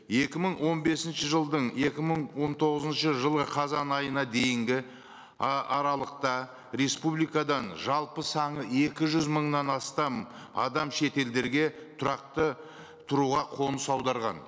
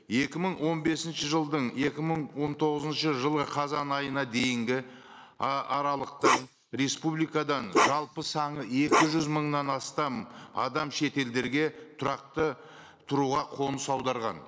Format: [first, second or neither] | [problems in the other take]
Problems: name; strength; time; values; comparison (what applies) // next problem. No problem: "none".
first | noise reduction (neural mask model Resemble Enhance denoiser)